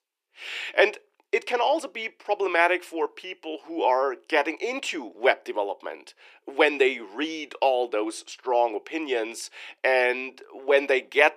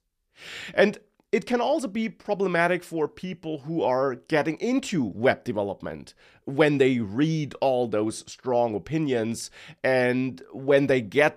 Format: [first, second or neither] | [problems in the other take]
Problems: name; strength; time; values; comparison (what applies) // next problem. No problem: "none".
second | thin; very; fading below 350 Hz